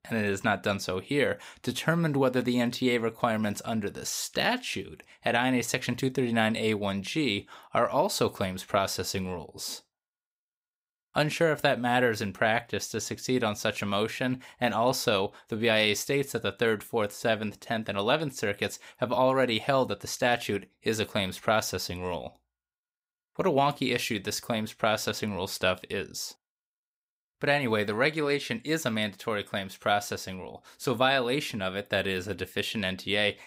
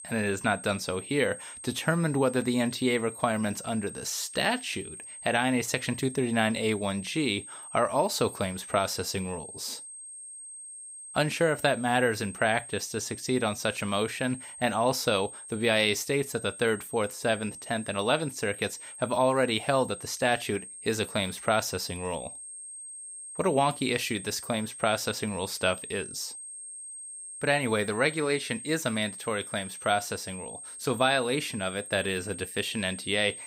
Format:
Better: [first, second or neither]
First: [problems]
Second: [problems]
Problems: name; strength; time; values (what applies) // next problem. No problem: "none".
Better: first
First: none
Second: high-pitched whine; noticeable; throughout; 8.5 kHz, 10 dB below the speech